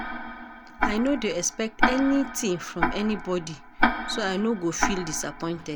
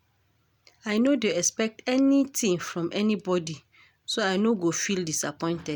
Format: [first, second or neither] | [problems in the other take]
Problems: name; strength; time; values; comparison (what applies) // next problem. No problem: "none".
second | background sound (Tick-tock); 1 dB below the speech